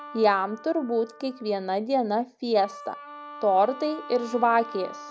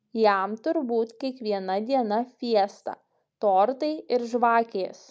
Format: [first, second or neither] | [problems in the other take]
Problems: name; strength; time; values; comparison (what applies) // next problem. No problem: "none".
second | background sound (Wind instrument, woodwind instrument); 16 dB below the speech